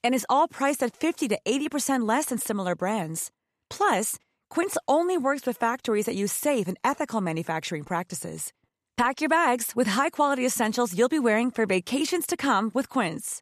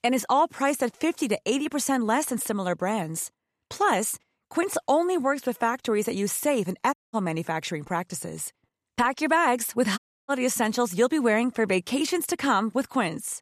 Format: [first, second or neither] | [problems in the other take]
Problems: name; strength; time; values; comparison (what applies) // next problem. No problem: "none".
first | audio cutting out; at 7 s and at 10 s